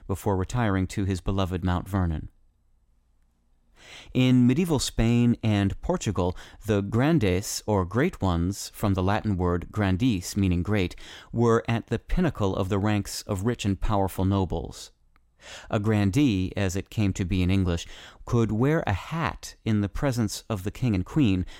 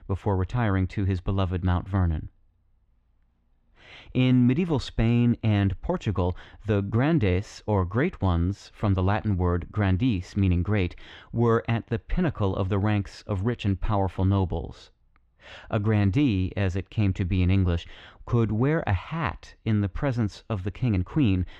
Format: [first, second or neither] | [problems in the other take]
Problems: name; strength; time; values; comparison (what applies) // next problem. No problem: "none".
first | muffled; slightly; fading above 3 kHz